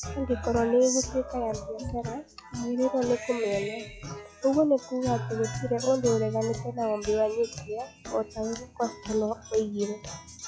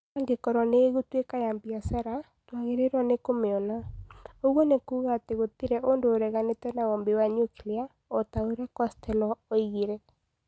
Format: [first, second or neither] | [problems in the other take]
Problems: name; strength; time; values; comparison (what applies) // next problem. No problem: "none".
second | noise reduction (classical method log-MMSE)